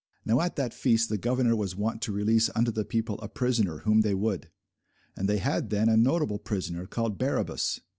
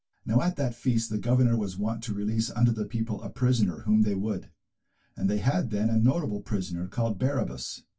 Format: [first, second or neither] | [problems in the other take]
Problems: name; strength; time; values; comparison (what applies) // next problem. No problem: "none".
first | room echo; dies away in 0.1 s